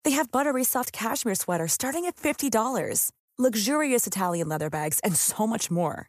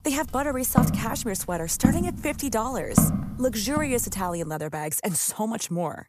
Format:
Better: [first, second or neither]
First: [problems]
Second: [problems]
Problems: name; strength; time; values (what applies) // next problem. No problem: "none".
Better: first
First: none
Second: footsteps; loud; from 1 to 4 s; peak 4 dB above the speech